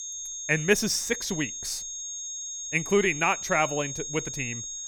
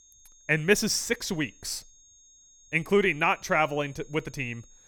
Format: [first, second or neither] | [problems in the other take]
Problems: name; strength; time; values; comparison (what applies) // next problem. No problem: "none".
second | high-pitched whine; loud; throughout; 6.5 kHz, 6 dB below the speech; faint in the second